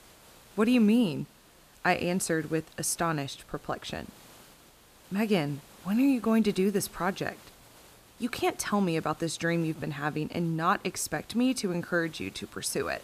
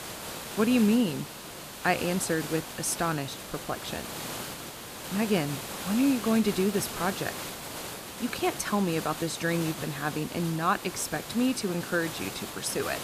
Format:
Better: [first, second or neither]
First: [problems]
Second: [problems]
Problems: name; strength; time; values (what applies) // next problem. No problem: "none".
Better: first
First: hiss; faint; throughout; 25 dB below the speech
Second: hiss; loud; throughout; 8 dB below the speech